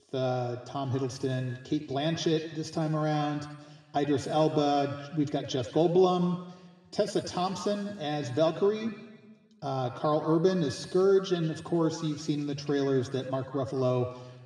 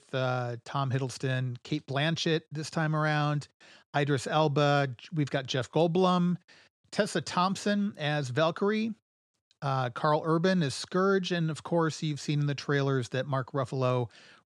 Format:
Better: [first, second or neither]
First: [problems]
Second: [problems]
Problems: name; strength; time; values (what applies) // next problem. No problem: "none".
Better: second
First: room echo; noticeable; dies away in 1.2 s // off-mic speech; somewhat distant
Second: none